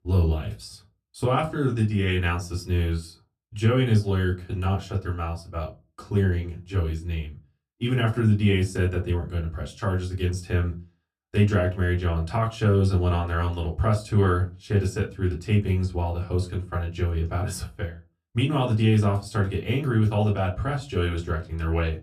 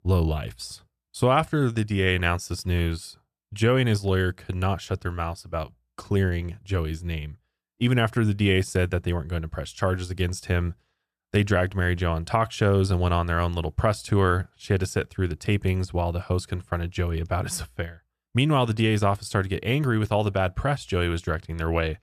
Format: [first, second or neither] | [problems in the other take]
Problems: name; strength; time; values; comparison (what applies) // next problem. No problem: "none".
second | off-mic speech; far // room echo; very slight; dies away in 0.2 s